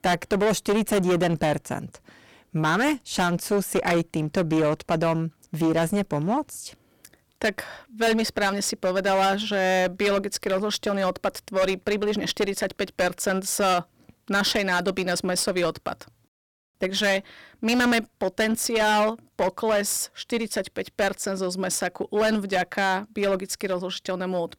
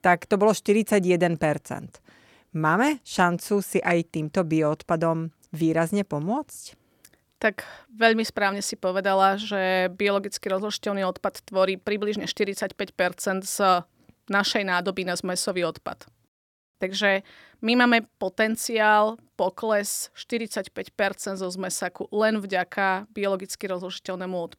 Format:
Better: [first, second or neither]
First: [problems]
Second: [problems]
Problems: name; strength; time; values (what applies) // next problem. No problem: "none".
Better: second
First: distortion; heavy; 13% of the sound clipped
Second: none